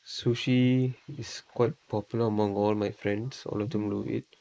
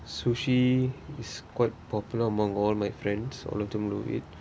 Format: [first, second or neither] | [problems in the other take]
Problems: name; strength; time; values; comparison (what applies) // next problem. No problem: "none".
second | noise reduction (neural mask model Resemble Enhance denoiser)